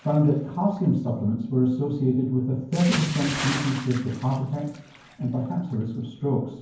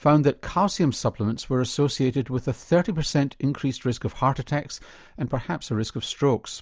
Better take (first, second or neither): second